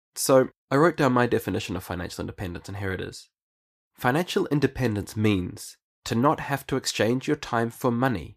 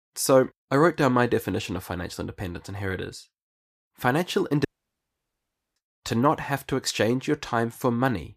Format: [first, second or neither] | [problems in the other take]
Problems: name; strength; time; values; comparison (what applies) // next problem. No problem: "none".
first | audio cutting out; at 4.5 s for 1 s